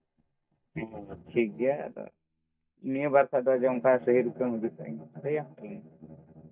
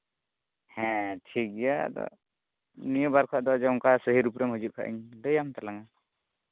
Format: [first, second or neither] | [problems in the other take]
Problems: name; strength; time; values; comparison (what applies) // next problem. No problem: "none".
second | noise reduction (neural mask model DeepFilterNet 3)